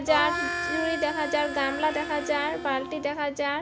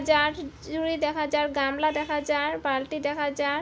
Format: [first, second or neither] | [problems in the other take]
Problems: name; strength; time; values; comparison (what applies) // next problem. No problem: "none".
second | background sound (Harmonica); 5 dB below the speech